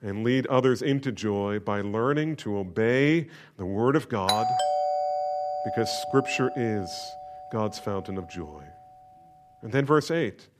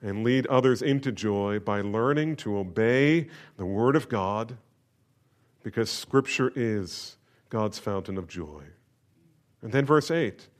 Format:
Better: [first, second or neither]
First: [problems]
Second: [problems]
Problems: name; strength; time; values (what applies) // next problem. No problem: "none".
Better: second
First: doorbell; loud; from 4.5 to 7 s; peak 2 dB above the speech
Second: none